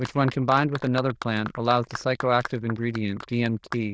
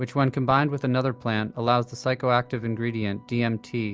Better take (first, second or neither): second